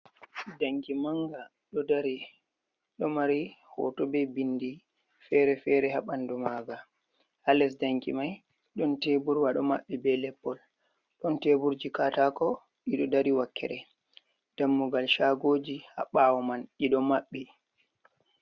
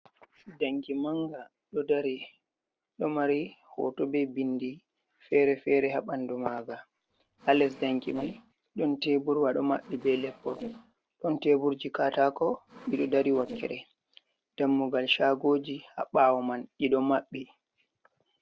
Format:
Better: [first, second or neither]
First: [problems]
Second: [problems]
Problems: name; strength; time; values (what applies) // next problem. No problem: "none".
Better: first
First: none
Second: noise reduction (neural separator model SepFormer DNS4)